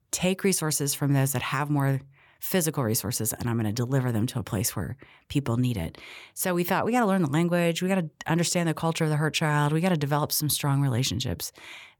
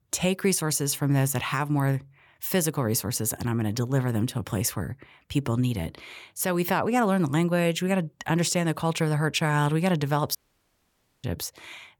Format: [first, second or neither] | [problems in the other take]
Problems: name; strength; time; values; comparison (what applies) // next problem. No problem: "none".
first | audio cutting out; at 10 s for 1 s